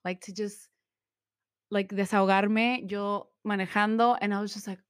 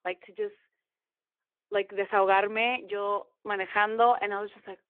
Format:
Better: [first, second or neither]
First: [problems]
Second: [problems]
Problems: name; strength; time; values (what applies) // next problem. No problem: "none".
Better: first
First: none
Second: phone-call audio